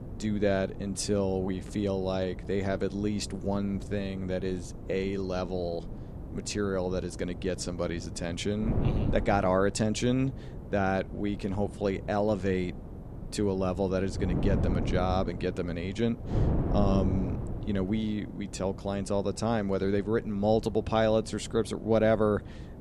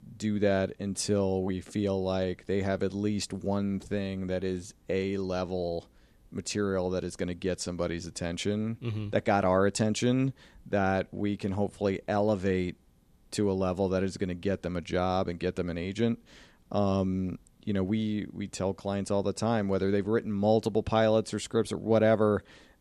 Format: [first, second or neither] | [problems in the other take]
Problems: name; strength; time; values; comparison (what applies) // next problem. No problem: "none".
second | wind noise on the microphone; occasional gusts; 15 dB below the speech